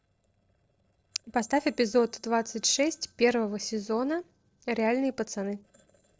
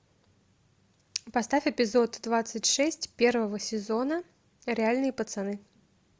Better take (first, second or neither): second